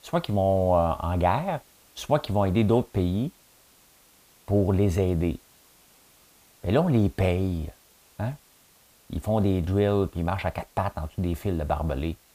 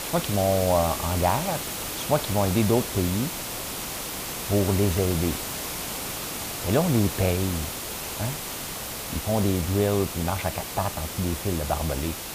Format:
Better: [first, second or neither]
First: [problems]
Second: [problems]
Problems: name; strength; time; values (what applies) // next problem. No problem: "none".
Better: first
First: hiss; faint; throughout; 30 dB below the speech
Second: hiss; loud; throughout; 5 dB below the speech